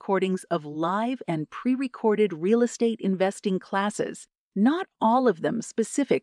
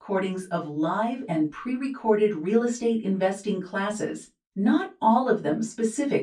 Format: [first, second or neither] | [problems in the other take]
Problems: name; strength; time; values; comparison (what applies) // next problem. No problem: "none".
first | off-mic speech; far // room echo; very slight; dies away in 0.2 s